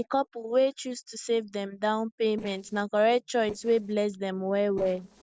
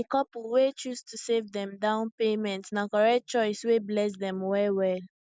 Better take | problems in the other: second | noise reduction (neural separator model SepFormer DNS4)

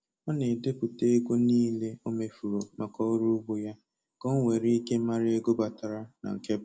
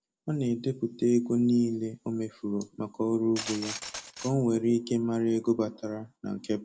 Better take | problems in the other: first | background sound (Glass); 12 dB below the speech

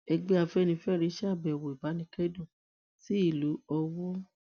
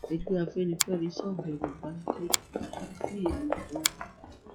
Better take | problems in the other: first | noise reduction (classical method log-MMSE)

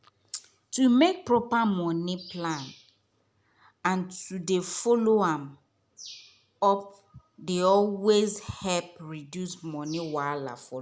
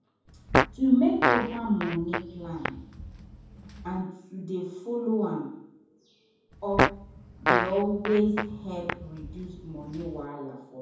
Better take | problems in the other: first | background sound (Fart); as loud as the speech // room echo; dies away in 0.9 s

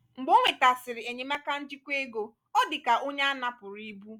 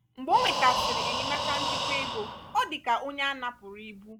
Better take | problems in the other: first | background sound (Breathing); 2 dB below the speech

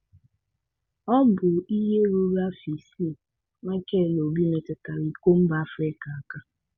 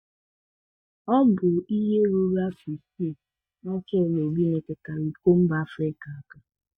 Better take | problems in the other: first | noise reduction (neural mask model DeepFilterNet 3)

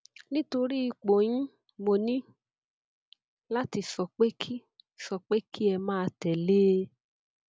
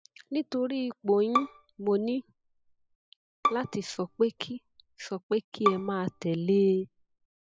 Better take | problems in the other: first | noise reduction (classical method spectral subtraction)

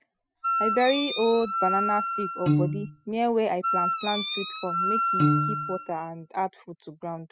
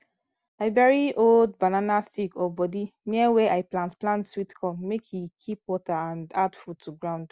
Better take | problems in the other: second | noise reduction (classical method spectral subtraction)

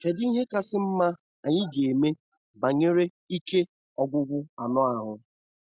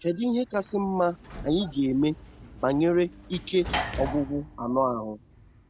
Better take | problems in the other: first | background sound (Sliding door / Slam); 12 dB below the speech

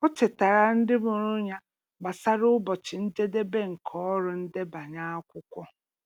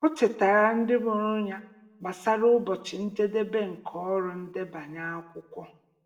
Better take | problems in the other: first | room echo; dies away in 0.6 s

